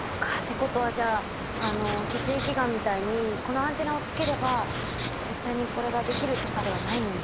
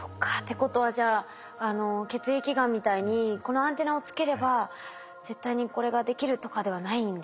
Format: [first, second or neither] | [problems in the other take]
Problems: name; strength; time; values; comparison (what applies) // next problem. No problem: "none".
second | background sound (Writing + Water); 3 dB below the speech